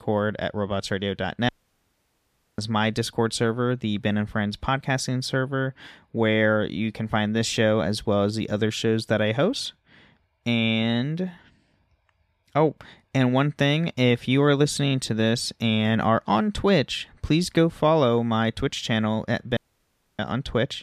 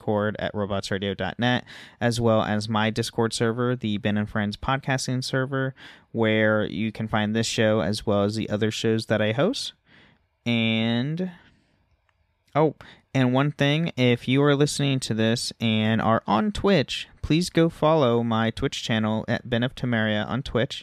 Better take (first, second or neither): second